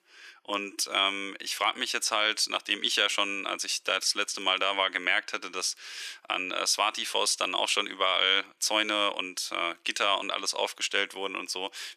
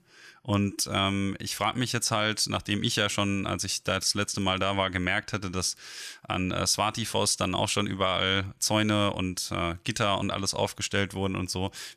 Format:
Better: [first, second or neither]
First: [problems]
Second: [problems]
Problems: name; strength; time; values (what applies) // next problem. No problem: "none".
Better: second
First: thin; very; fading below 350 Hz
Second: none